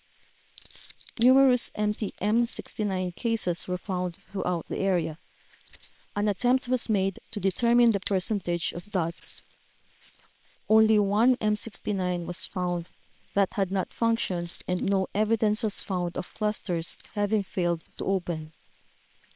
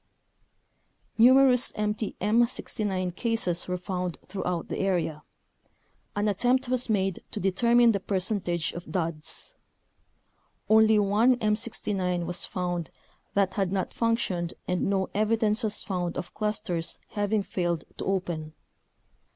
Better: second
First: noise reduction (neural separator model SepFormer WHAM!)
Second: none

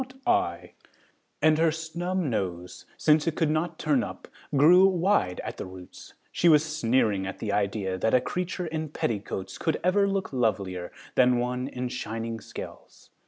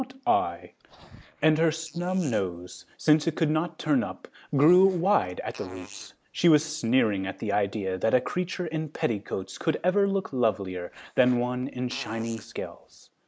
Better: first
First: none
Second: noise reduction (neural mask model Resemble Enhance denoiser)

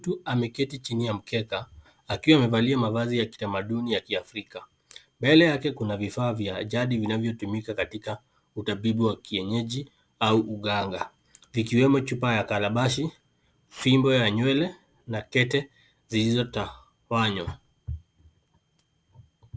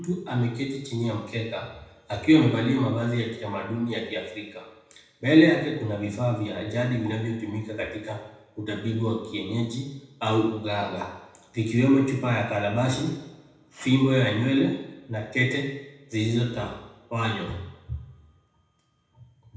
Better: first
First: none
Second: room echo; dies away in 0.8 s

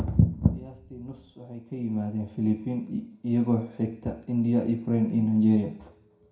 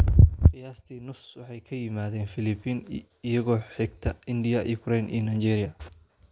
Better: second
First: room echo; dies away in 0.5 s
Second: none

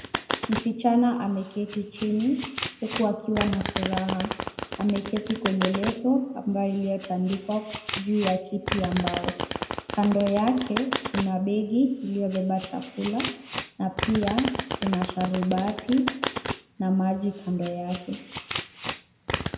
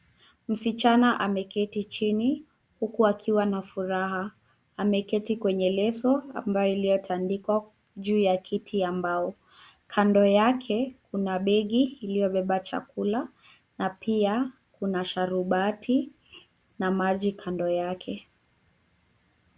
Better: second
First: background sound (Domestic sounds, home sounds); 7 dB below the speech // room echo; dies away in 0.8 s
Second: none

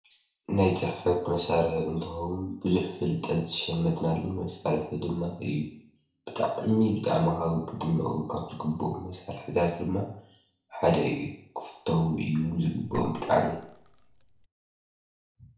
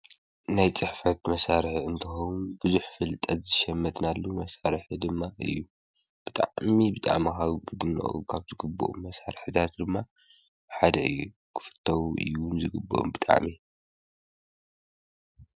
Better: second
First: noise reduction (neural separator model SepFormer DNS4)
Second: none

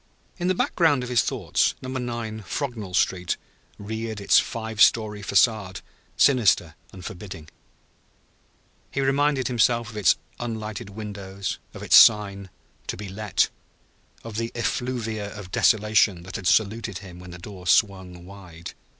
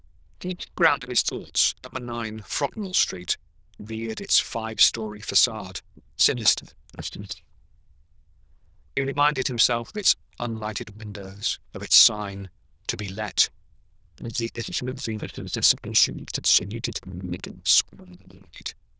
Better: first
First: none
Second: noise reduction (neural diffusion model UNIVERSE++)

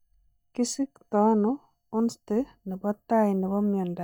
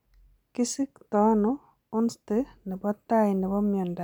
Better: second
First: noise reduction (neural mask model DeepFilterNet 3)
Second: none

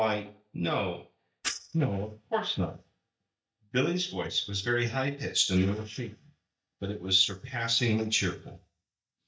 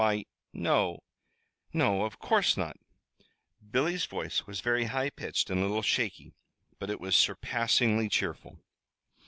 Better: second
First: noise reduction (neural mask model DeepFilterNet 3)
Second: none

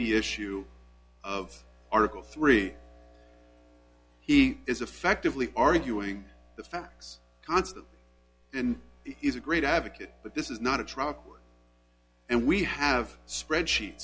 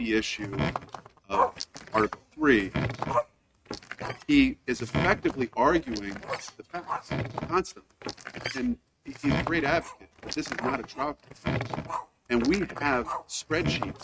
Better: first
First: none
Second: noise reduction (neural mask model RNNoise)

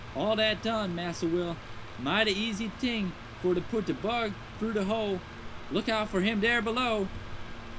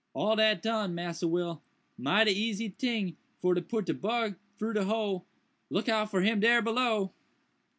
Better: second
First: background sound (Cricket + Mechanical fan); 11 dB below the speech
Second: none

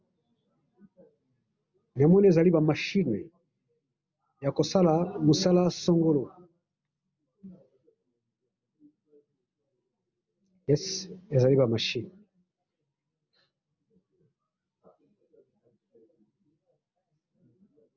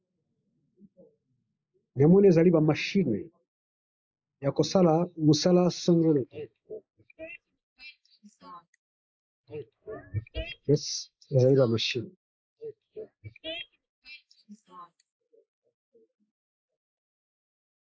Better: first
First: none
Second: noise reduction (neural mask model Resemble Enhance denoiser)

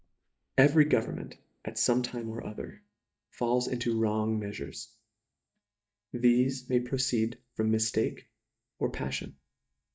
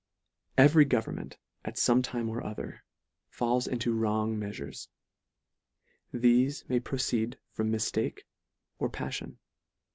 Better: second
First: noise reduction (neural mask model DeepFilterNet 3)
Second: none

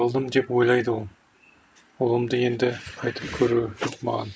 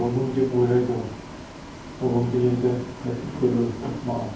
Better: first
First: none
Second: background sound (Bus); 14 dB below the speech // room echo; dies away in 0.9 s

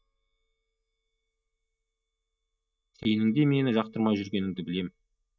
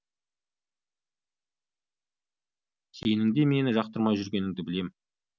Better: second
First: noise reduction (neural mask model DeepFilterNet 3)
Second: none

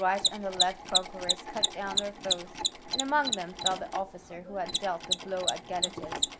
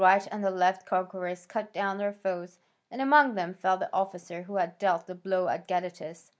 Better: second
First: background sound (Mechanisms); 1 dB above the speech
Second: none

